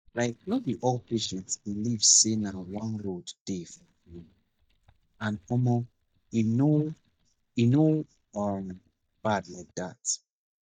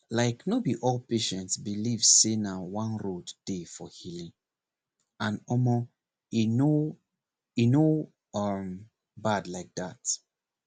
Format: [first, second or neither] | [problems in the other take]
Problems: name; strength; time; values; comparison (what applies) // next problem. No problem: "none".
second | noise reduction (neural mask model DeepFilterNet 3)